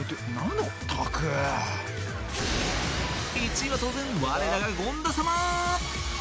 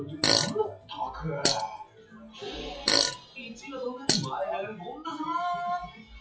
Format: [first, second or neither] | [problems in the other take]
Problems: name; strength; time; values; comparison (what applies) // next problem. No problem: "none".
first | noise reduction (classical method WPE with log-MMSE)